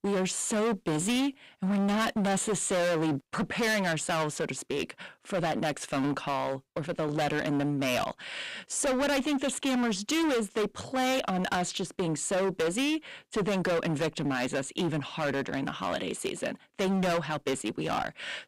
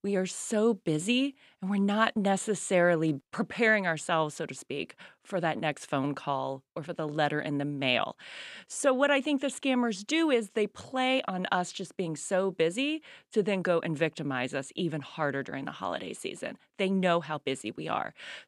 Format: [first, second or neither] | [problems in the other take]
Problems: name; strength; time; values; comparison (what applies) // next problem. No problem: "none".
second | distortion; heavy; 22% of the sound clipped